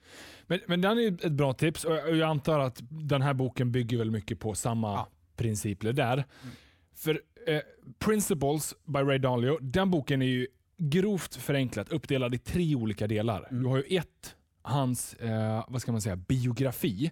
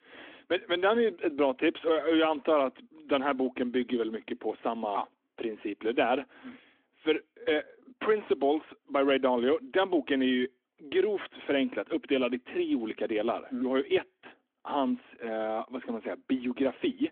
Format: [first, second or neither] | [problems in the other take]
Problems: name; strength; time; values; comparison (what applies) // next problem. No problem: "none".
first | phone-call audio; nothing above 3.5 kHz